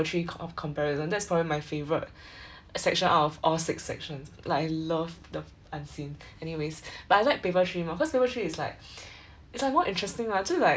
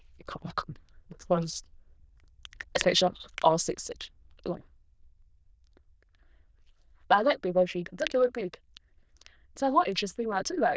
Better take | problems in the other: first | noise reduction (neural diffusion model UNIVERSE++)

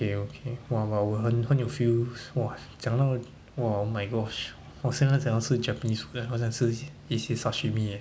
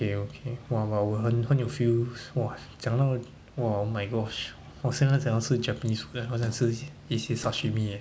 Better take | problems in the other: first | background sound (Fart); 19 dB below the speech

